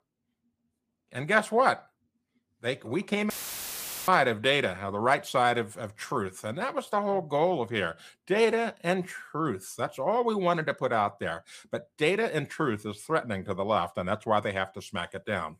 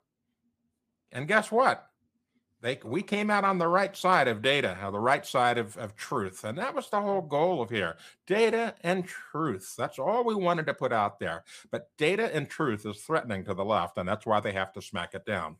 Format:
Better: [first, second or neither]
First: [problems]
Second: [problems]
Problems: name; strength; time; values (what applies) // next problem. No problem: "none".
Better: second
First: audio cutting out; filled with static; at 3.5 s for 1 s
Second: none